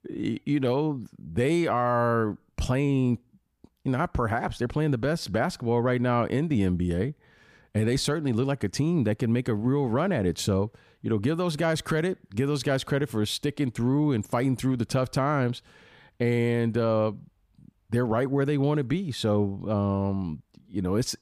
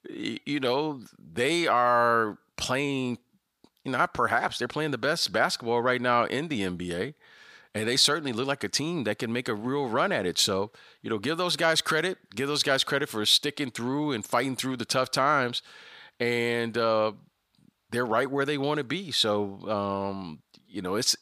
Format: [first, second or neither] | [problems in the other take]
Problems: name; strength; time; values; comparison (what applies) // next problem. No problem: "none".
first | thin; somewhat; fading below 900 Hz